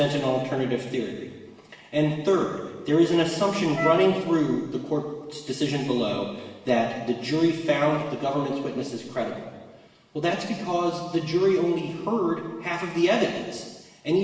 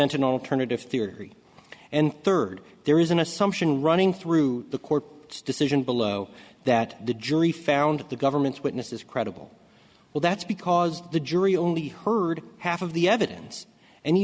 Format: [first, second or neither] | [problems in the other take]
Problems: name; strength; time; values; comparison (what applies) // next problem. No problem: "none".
second | background sound (Wind instrument, woodwind instrument); 6 dB below the speech // room echo; dies away in 1.2 s